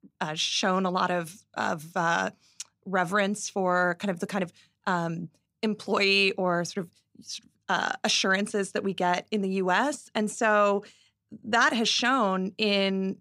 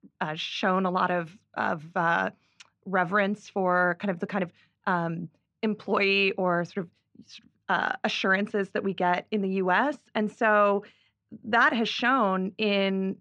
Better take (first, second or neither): first